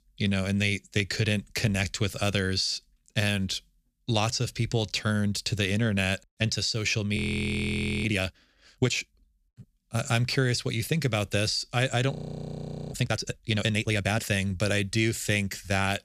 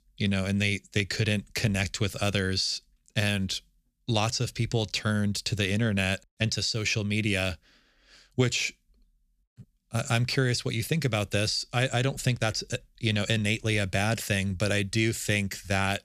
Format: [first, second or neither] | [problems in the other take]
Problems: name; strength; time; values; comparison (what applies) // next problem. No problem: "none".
second | audio freezing; at 7 s for 1 s and at 12 s for 1 s